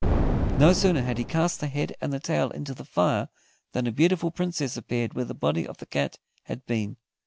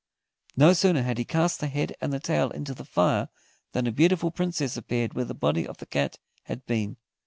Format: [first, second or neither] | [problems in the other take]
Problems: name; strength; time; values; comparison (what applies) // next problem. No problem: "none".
second | background sound (Boom); as loud as the speech